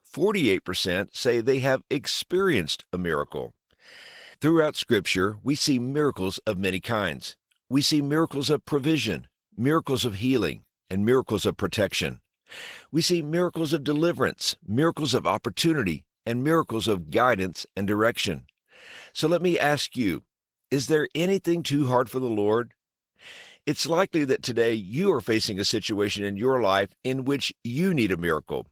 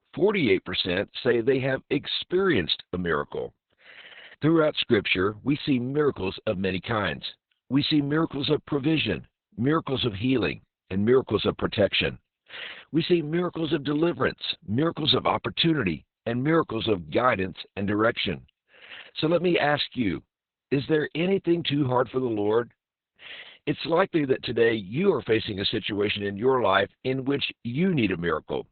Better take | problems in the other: first | garbled, watery; badly; nothing above 4 kHz; slightly in the first

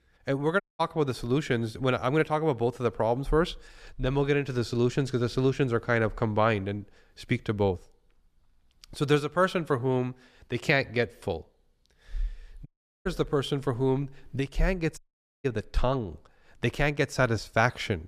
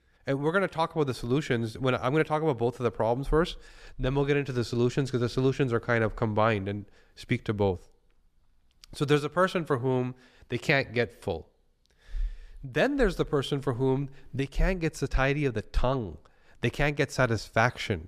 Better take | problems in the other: second | audio cutting out; at 0.5 s, at 13 s and at 15 s

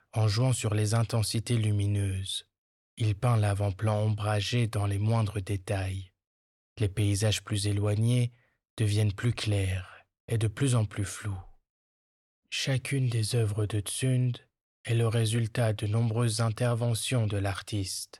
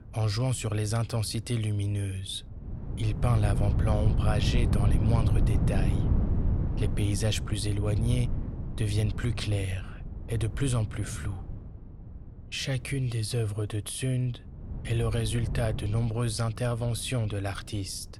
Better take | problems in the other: first | wind noise on the microphone; heavy; 7 dB below the speech

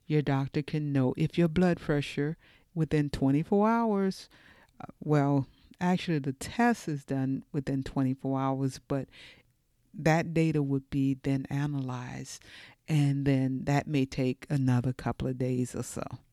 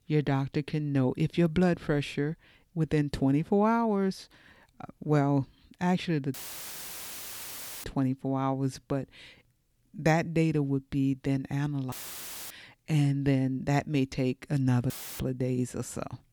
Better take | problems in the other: first | audio cutting out; filled with static; at 6.5 s for 1.5 s, at 12 s for 0.5 s and at 15 s

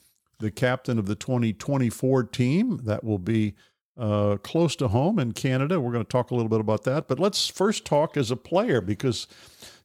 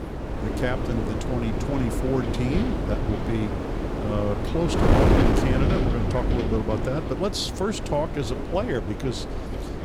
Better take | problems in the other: first | wind noise on the microphone; heavy; as loud as the speech

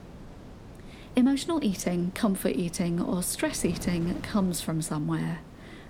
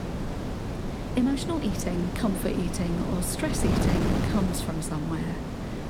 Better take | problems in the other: first | wind noise on the microphone; heavy; 1 dB below the speech; occasional gusts in the first

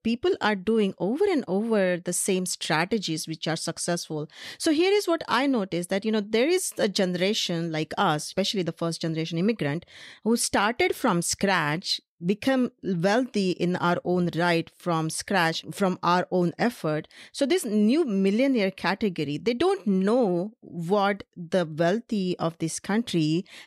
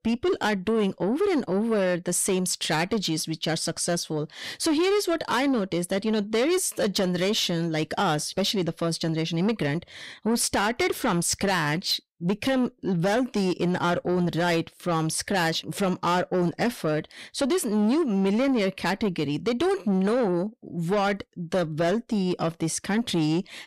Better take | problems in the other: first | distortion; slight; 10 dB below the speech

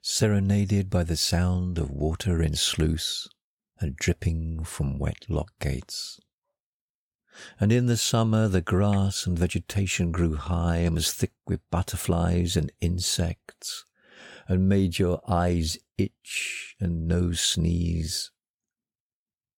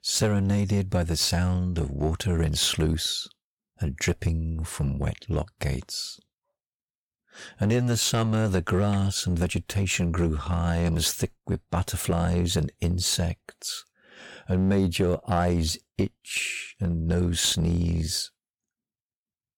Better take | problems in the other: first | distortion; slight; 7% of the sound clipped

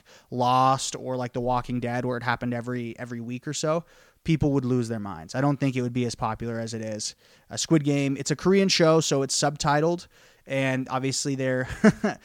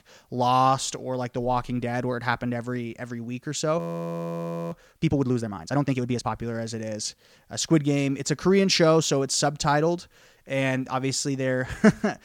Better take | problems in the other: first | audio freezing; at 4 s for 1 s

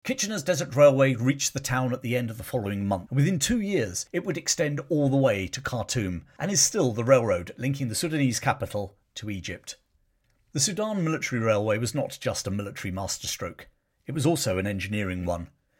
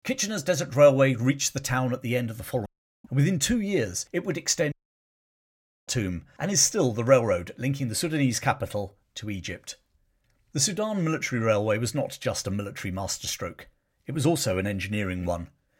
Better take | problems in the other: first | audio cutting out; at 2.5 s and at 4.5 s for 1 s

